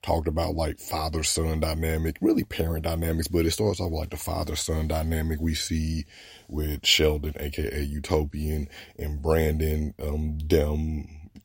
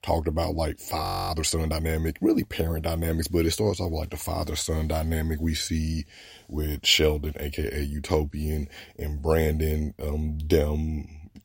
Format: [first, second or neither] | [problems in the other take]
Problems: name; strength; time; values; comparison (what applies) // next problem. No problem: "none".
first | audio freezing; at 1 s